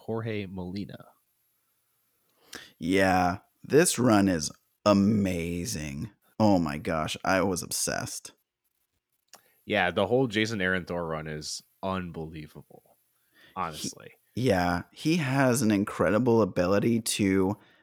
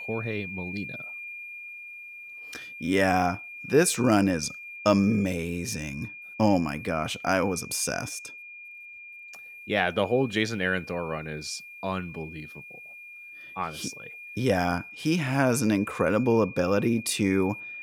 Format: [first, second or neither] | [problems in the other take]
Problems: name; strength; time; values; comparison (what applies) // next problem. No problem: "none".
first | high-pitched whine; noticeable; throughout; 2.5 kHz, 15 dB below the speech